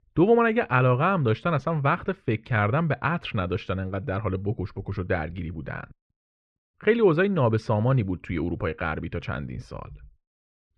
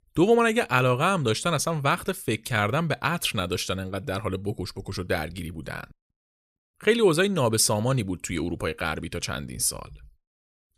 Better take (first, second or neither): second